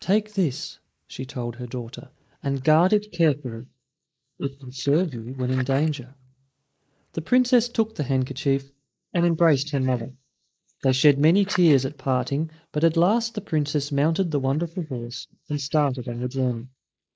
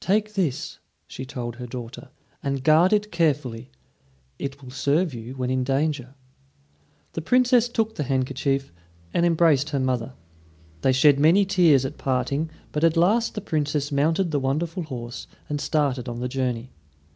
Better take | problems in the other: second | noise reduction (neural mask model Resemble Enhance denoiser)

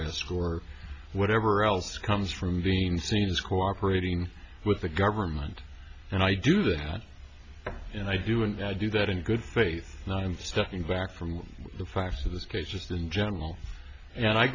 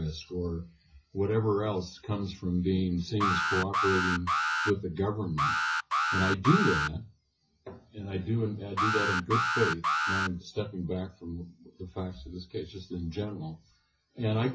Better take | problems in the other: first | noise reduction (classical method WPE with log-MMSE)

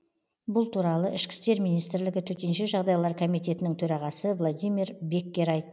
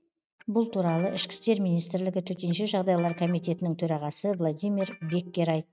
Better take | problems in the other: first | noise reduction (neural mask model RNNoise)

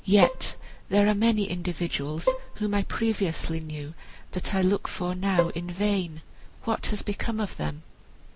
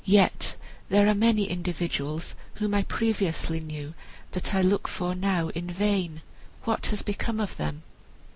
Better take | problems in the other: second | background sound (Bowed string instrument); 8 dB below the speech

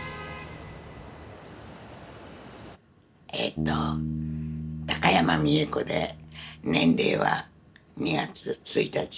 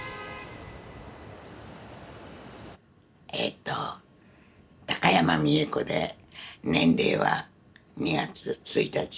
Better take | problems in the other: second | background sound (Bass guitar); 9 dB below the speech

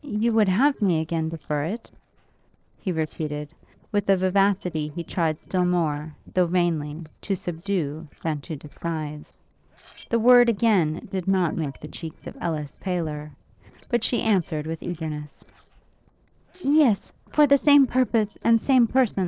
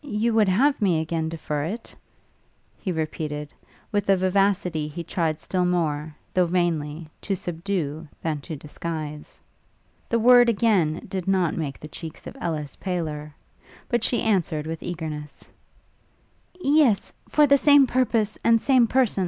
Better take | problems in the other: second | noise reduction (neural separator model SepFormer DNS4)

